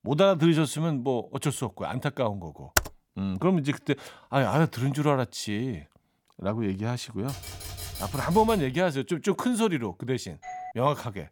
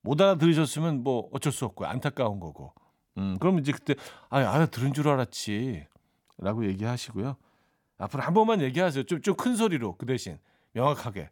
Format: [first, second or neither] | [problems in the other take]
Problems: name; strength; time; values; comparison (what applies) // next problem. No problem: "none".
second | keyboard typing; very faint; at 3 s; peak level with the speech // keyboard typing; noticeable; from 7.5 to 9 s; peak 9 dB below the speech // doorbell; faint; at 10 s; peak 10 dB below the speech